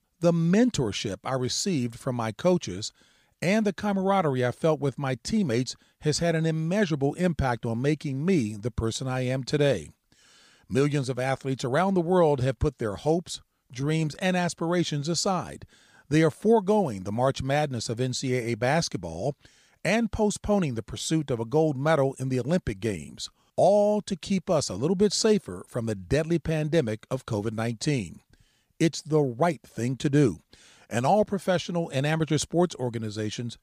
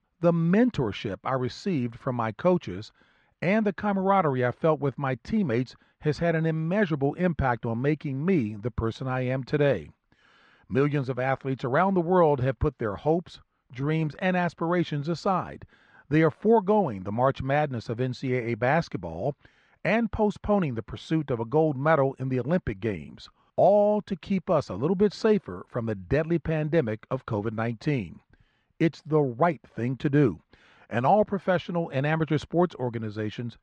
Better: first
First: none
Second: muffled; very; fading above 2 kHz

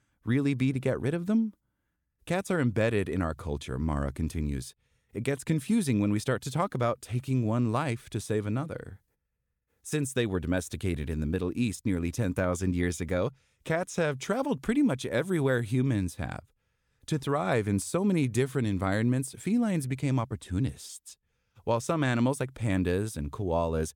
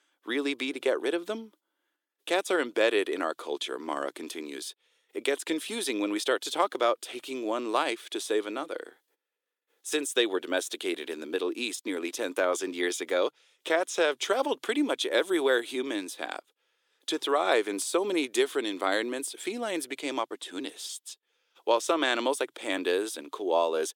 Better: first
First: none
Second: thin; very; fading below 350 Hz

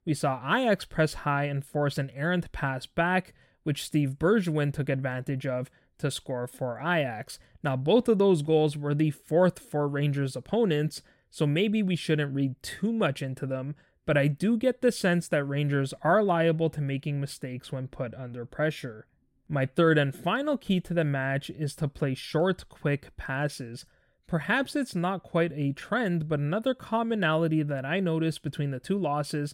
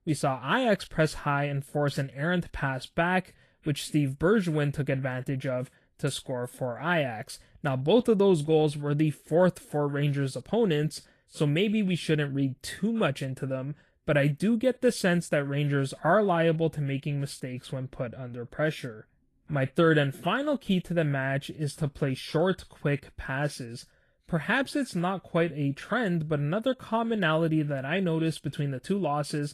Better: first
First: none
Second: garbled, watery; slightly; nothing above 12.5 kHz

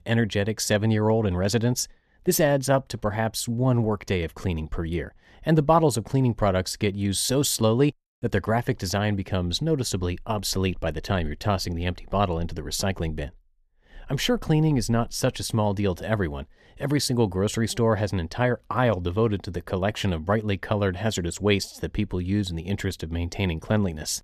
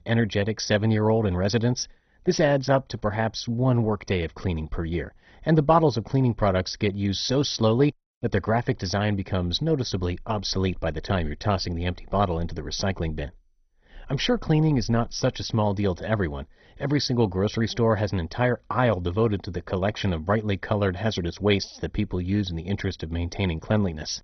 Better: first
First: none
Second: garbled, watery; badly; nothing above 6 kHz

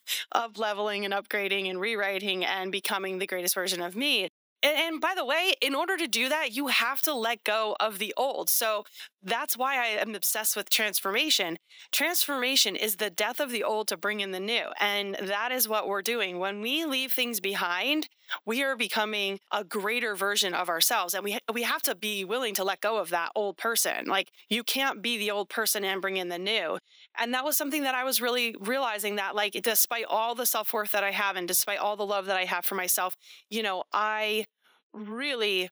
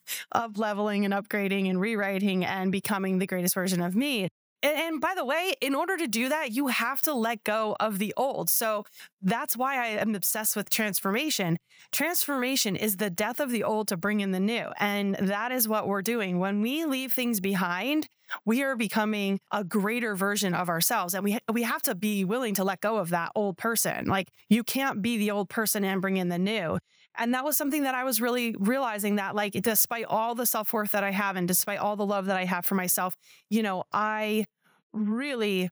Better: second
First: thin; somewhat; fading below 300 Hz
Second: none

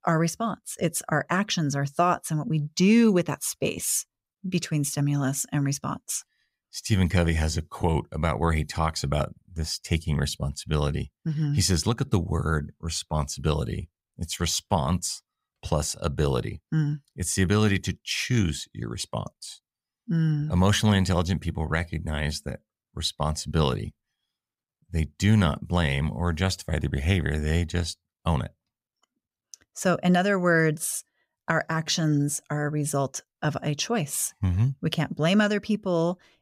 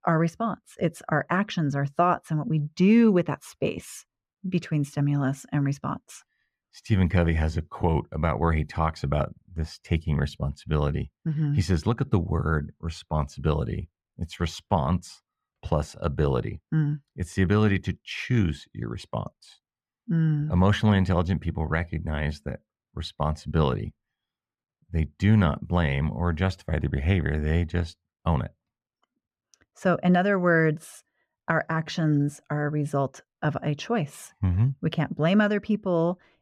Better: first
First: none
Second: muffled; slightly; fading above 4 kHz

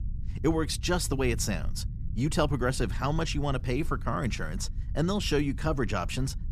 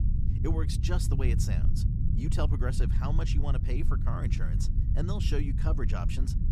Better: first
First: low rumble; faint; throughout; 20 dB below the speech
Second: low rumble; loud; throughout; 5 dB below the speech

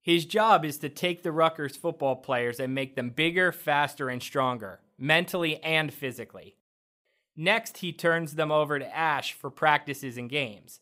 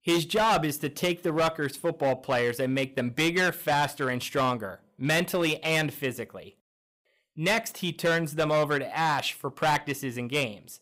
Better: first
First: none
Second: distortion; heavy; 9% of the sound clipped

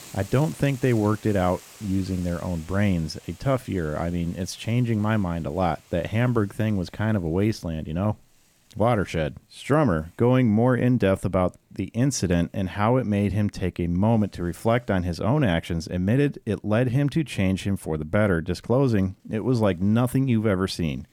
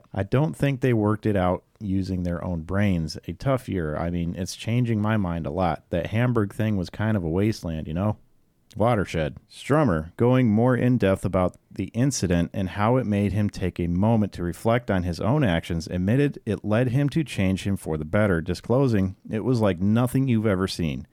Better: second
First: hiss; faint; throughout; 25 dB below the speech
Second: none

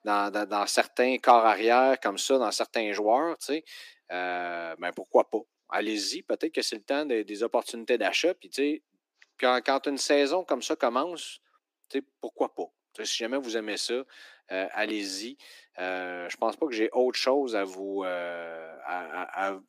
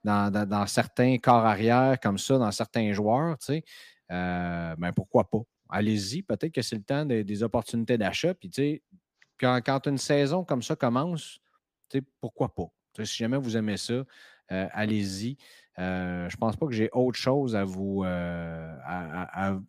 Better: second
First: thin; somewhat; fading below 300 Hz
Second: none

